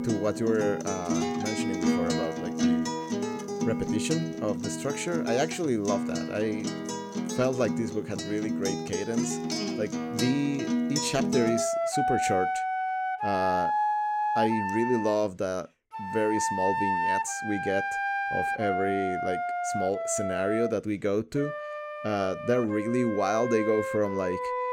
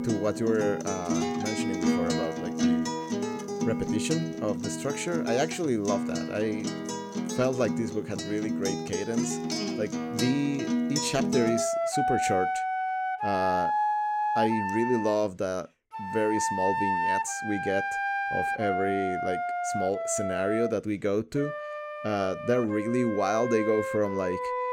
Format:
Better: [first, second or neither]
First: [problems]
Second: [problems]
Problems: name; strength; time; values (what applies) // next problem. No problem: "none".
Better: neither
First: background music; loud; throughout; as loud as the speech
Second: background music; loud; throughout; as loud as the speech